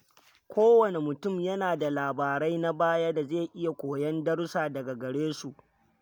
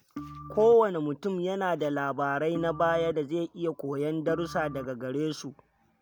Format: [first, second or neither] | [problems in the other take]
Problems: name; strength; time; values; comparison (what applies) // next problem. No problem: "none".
first | background sound (Organ); 15 dB below the speech